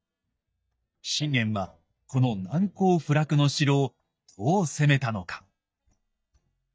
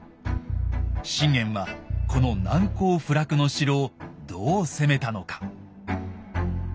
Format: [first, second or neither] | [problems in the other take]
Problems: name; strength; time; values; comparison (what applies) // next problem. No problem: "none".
second | noise reduction (neural mask model DeepFilterNet 3)